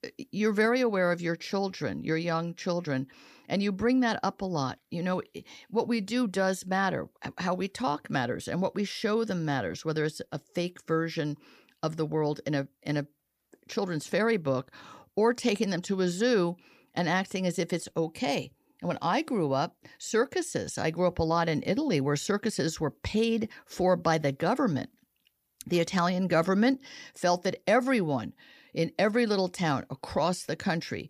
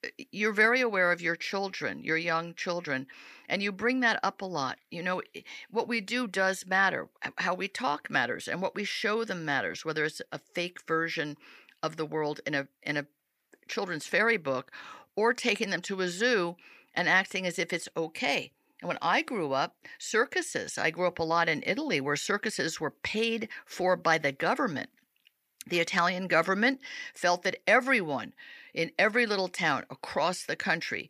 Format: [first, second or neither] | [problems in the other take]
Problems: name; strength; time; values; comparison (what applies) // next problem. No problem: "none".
first | thin; somewhat; fading below 700 Hz